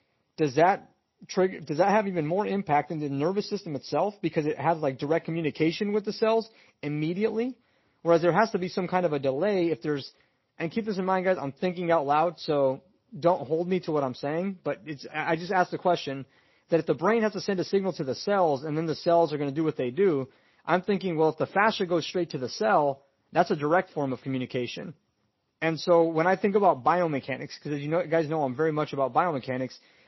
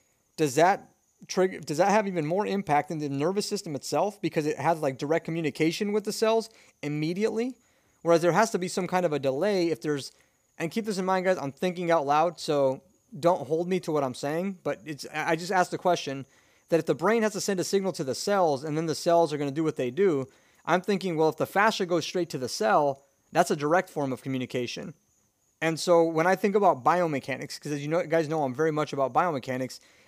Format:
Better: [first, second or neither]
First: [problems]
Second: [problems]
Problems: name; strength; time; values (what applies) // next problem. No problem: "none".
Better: second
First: garbled, watery; slightly; nothing above 5.5 kHz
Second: none